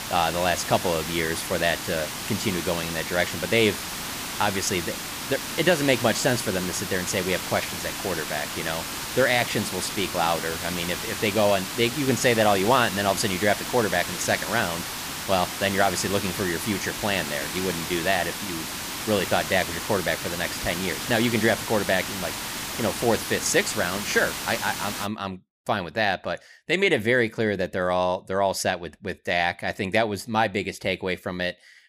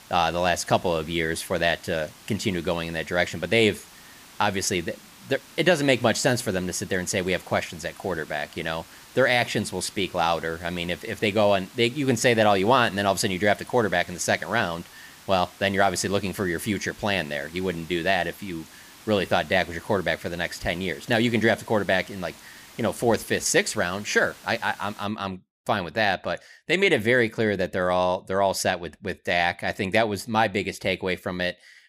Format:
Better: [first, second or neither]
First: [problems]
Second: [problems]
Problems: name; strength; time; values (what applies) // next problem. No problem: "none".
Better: second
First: hiss; loud; until 25 s; 5 dB below the speech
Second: hiss; faint; until 25 s; 20 dB below the speech